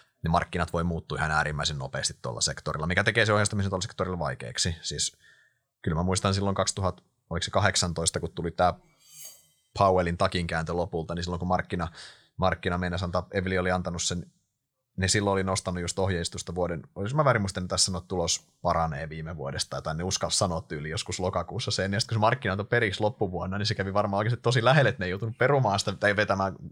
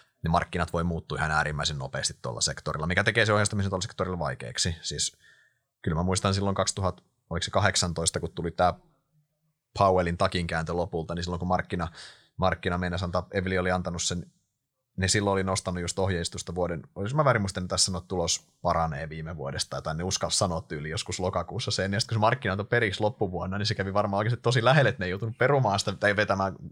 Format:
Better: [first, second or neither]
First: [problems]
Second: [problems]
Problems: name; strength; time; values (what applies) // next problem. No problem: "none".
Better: second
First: clattering dishes; faint; at 9 s; peak 15 dB below the speech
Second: none